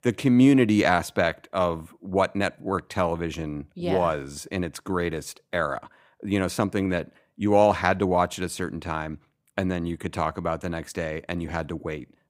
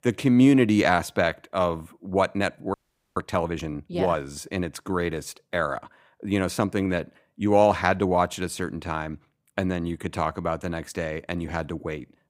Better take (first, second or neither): first